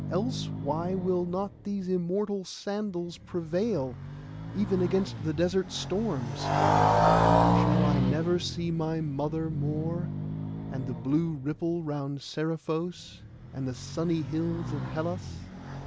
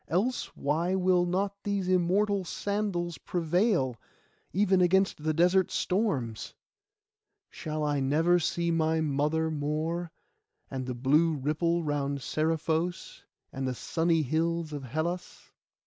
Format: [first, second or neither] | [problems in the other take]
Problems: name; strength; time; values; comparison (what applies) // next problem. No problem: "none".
second | background sound (Motorcycle); as loud as the speech